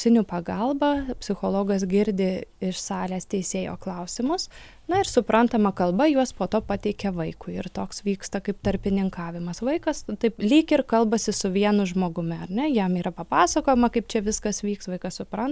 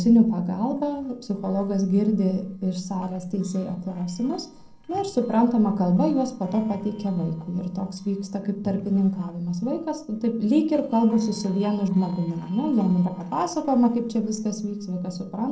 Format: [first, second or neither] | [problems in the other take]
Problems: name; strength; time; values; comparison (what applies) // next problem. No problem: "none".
first | noise reduction (neural separator model SepFormer DNS4)